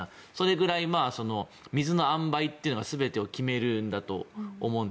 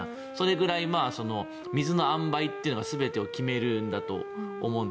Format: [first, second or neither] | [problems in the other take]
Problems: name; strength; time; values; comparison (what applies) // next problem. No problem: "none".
first | background sound (Wind instrument, woodwind instrument); 9 dB below the speech